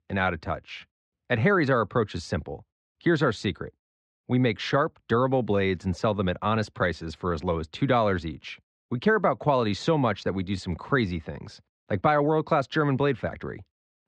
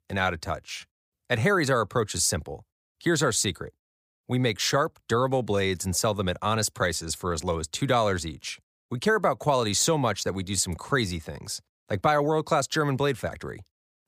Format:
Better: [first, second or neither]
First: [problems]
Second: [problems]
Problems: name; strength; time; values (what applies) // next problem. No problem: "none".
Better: second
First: muffled; slightly; fading above 3 kHz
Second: none